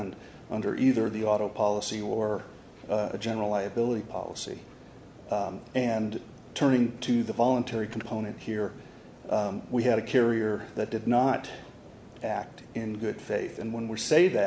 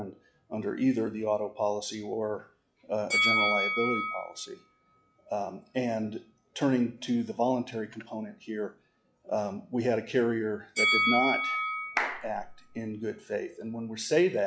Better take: first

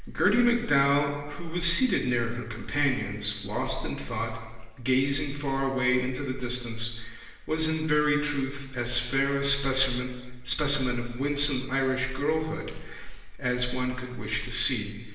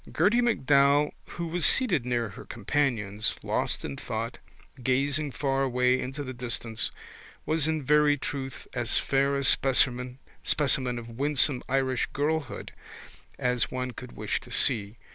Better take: second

